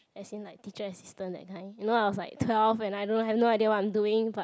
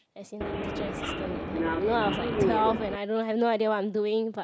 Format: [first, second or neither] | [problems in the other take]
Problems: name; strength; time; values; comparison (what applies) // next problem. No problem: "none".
first | background sound (Subway, metro, underground); 1 dB below the speech